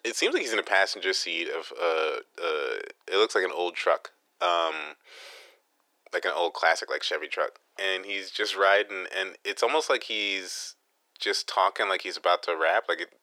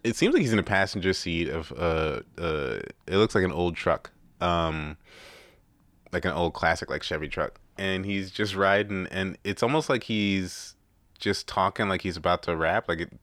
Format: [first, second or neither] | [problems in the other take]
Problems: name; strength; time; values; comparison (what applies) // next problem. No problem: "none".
second | thin; very; fading below 400 Hz